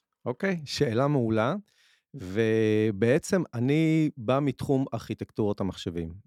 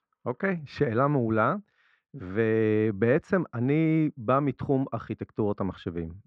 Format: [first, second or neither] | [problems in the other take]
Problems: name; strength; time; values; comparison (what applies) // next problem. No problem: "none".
first | muffled; very; fading above 2 kHz